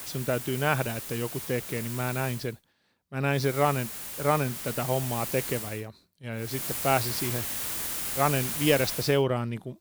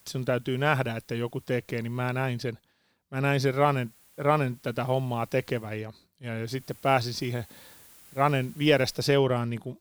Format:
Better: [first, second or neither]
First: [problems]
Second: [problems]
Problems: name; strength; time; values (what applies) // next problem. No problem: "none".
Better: second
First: hiss; loud; until 2.5 s, from 3.5 to 5.5 s and from 6.5 to 9 s; 4 dB below the speech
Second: hiss; faint; until 2.5 s, from 3.5 to 5.5 s and from 6.5 to 9 s; 25 dB below the speech